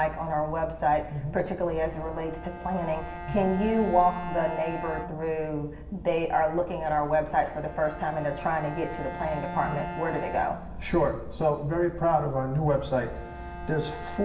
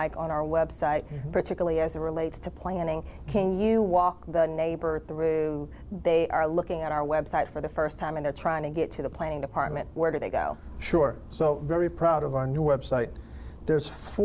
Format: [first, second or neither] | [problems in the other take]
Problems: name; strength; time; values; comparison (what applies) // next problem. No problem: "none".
second | background sound (Bowed string instrument); 13 dB below the speech // room echo; dies away in 1.1 s